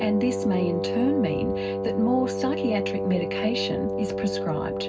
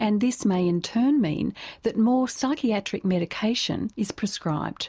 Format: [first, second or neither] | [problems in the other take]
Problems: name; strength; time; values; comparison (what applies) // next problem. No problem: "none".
second | background sound (Wind instrument, woodwind instrument); 1 dB below the speech // room echo; dies away in 0.4 s